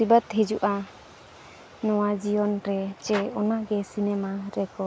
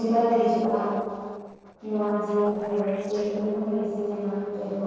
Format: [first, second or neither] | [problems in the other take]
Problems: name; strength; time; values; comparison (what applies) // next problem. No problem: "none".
first | noise reduction (neural separator model SepFormer DNS4)